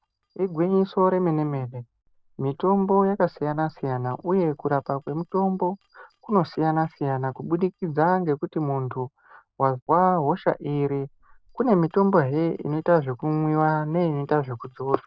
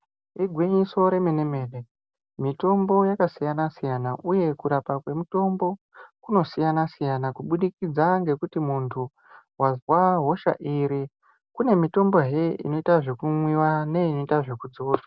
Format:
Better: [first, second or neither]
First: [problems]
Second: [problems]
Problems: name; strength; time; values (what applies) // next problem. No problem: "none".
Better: second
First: noise reduction (neural separator model SepFormer DNS4)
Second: none